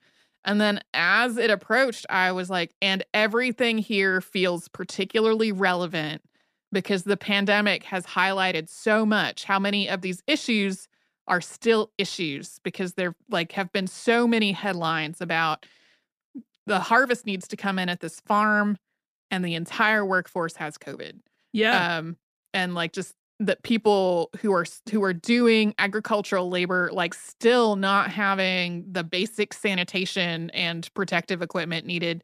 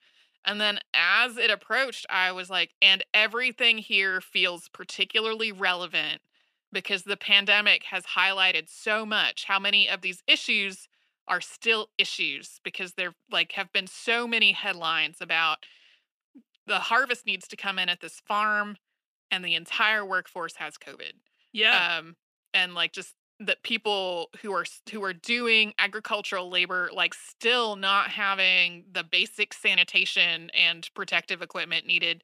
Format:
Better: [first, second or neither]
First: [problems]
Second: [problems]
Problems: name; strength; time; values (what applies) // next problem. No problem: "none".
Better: first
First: none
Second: thin; somewhat; fading below 700 Hz